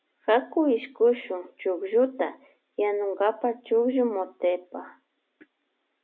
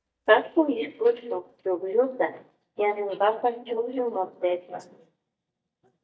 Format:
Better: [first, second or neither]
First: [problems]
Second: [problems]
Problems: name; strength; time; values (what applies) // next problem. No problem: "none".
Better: first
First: none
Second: noise reduction (neural mask model DeepFilterNet 3)